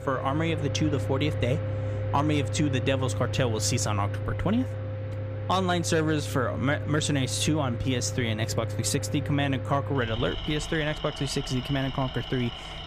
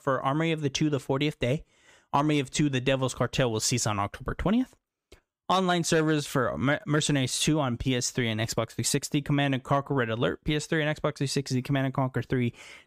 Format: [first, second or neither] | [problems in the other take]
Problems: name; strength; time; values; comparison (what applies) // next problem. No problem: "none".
second | machinery noise; loud; throughout; 5 dB below the speech